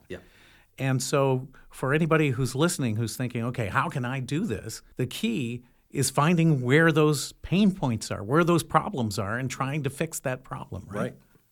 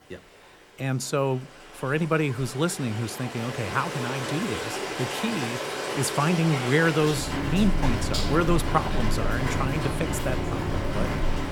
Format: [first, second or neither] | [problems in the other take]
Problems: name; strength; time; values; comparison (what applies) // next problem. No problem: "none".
first | rain or running water; loud; throughout; 2 dB below the speech